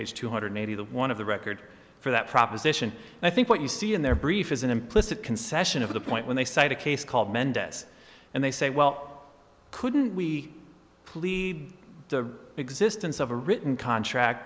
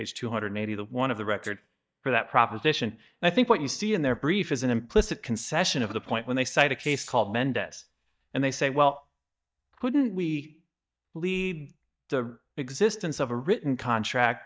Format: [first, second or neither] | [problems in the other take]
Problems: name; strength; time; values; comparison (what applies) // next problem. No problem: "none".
first | noise reduction (neural mask model DeepFilterNet 3)